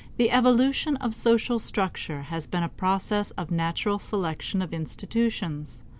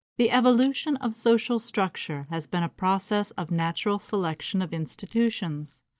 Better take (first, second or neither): first